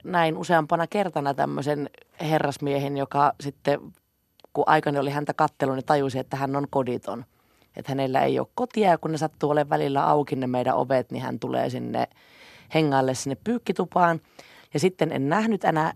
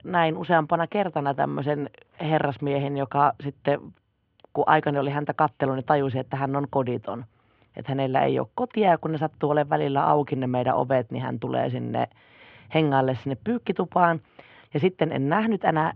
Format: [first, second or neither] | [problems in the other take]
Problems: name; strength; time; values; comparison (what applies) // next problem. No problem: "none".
first | muffled; very; fading above 3 kHz